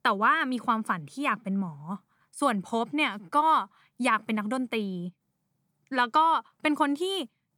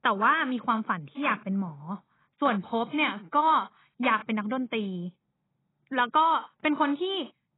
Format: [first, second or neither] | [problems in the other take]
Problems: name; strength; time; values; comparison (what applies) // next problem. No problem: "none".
first | garbled, watery; badly; nothing above 3.5 kHz